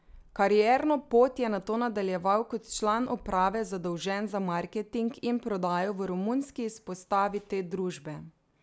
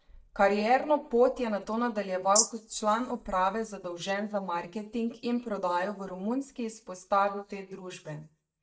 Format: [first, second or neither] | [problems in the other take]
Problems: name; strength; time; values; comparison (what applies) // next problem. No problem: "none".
first | noise reduction (neural mask model DeepFilterNet 3)